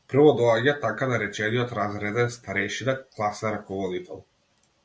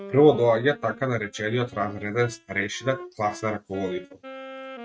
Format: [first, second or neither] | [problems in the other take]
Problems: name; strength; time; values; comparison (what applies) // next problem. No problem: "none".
first | noise reduction (neural mask model RNNoise)